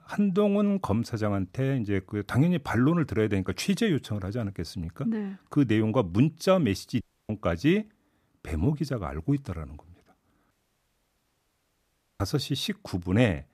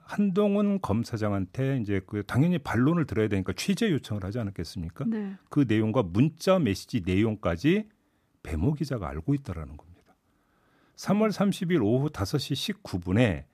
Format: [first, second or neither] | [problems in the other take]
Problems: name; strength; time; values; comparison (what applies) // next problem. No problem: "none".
second | audio cutting out; at 7 s and at 11 s for 1.5 s